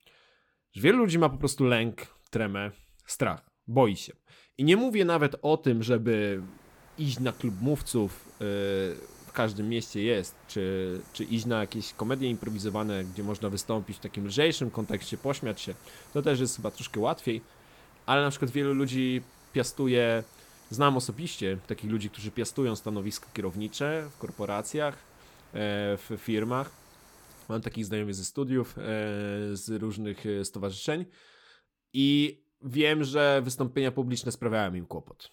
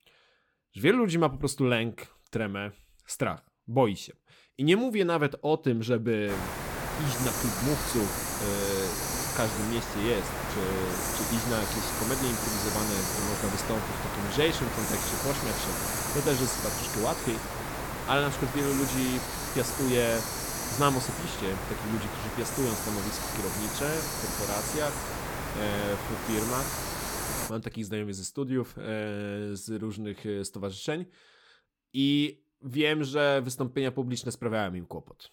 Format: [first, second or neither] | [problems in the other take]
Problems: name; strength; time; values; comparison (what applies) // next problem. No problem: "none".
first | hiss; loud; from 6.5 to 27 s; 1 dB below the speech; faint in the first